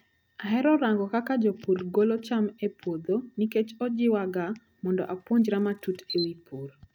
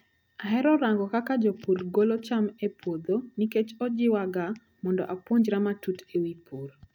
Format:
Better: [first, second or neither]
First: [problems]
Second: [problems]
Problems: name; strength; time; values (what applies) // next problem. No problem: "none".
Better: second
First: background sound (Camera); 15 dB below the speech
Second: none